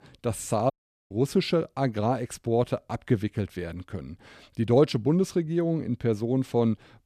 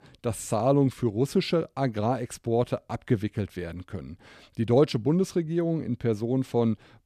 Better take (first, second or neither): second